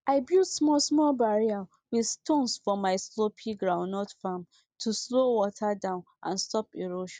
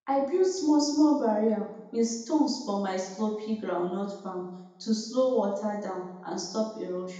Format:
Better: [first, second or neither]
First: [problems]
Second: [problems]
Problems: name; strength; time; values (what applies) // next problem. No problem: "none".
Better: first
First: none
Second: room echo; dies away in 0.9 s